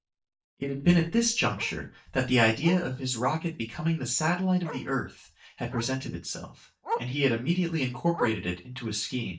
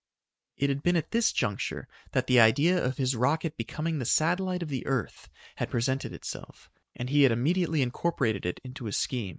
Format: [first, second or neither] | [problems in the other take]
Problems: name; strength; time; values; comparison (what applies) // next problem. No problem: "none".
second | noise reduction (neural mask model DeepFilterNet 3)